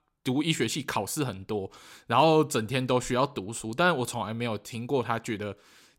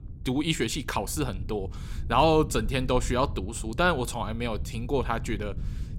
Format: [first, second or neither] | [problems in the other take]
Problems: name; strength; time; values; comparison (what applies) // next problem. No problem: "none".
first | wind noise on the microphone; occasional gusts; 25 dB below the speech